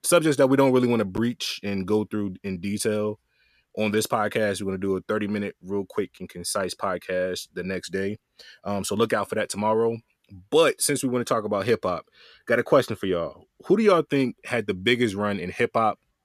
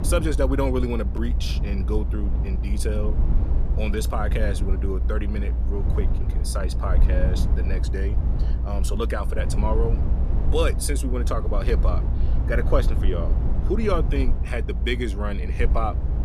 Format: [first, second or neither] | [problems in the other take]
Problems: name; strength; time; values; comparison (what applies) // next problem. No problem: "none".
first | low rumble; loud; throughout; 10 dB below the speech